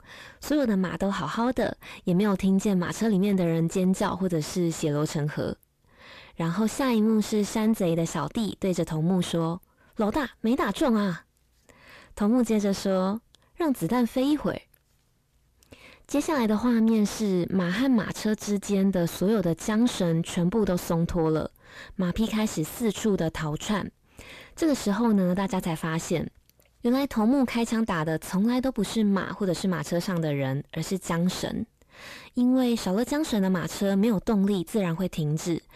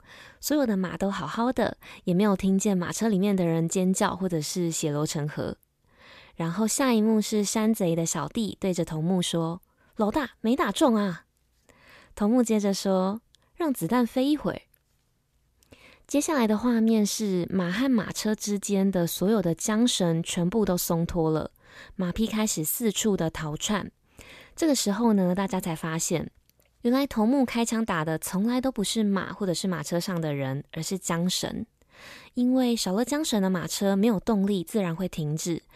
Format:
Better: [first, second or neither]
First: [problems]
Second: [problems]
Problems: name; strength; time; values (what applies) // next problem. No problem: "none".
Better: second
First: distortion; slight; 10 dB below the speech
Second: none